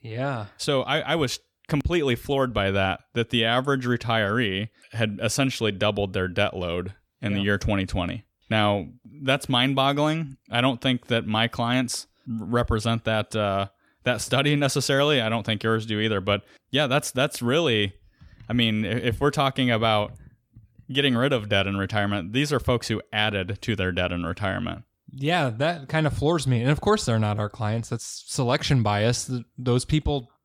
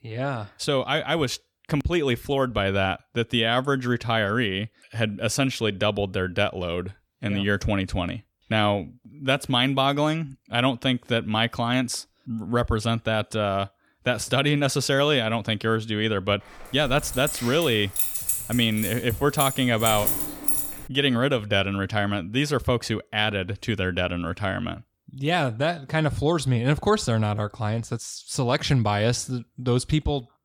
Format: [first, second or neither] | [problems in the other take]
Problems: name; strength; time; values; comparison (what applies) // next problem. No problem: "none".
first | jangling keys; loud; from 17 to 21 s; peak 2 dB above the speech